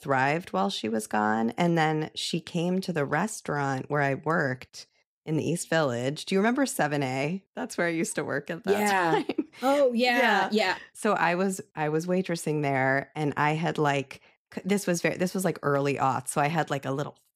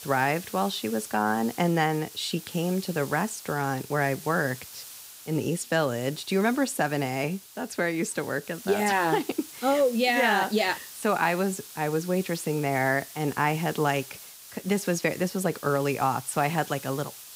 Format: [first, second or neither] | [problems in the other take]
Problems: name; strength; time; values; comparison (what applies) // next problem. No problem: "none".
first | hiss; noticeable; throughout; 15 dB below the speech